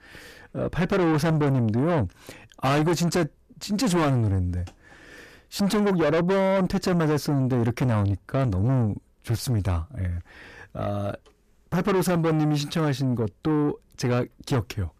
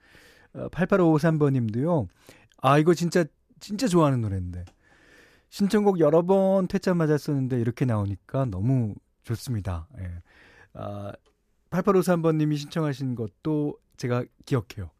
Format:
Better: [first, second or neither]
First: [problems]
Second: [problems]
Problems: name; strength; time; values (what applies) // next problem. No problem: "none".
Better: second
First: distortion; heavy; 6 dB below the speech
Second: none